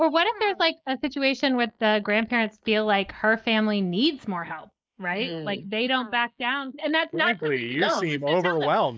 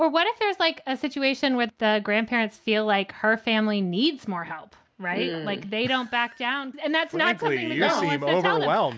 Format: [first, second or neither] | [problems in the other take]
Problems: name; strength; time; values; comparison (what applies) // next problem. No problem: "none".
second | noise reduction (neural mask model Resemble Enhance denoiser)